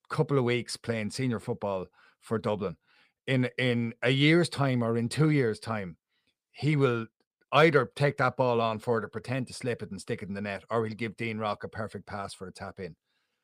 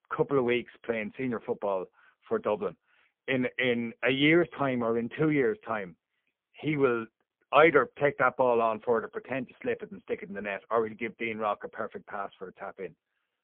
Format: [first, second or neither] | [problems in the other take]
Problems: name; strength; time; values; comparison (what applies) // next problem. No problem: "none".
first | phone-call audio; poor line; nothing above 3.5 kHz